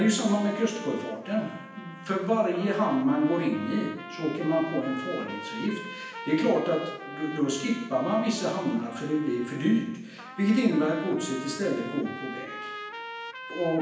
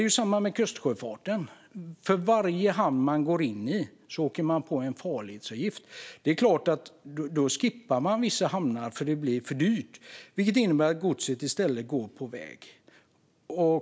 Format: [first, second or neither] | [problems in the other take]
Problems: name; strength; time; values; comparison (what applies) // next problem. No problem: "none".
second | background sound (Trumpet); 13 dB below the speech // room echo; dies away in 0.9 s